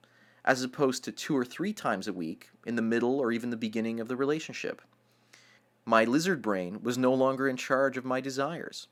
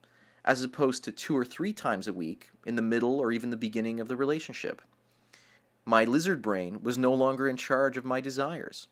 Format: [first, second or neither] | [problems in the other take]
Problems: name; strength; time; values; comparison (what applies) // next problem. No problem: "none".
first | garbled, watery; slightly; nothing above 17 kHz